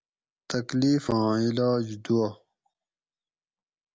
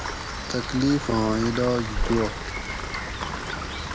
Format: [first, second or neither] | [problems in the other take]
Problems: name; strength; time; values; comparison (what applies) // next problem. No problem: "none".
first | background sound (Rain); 3 dB below the speech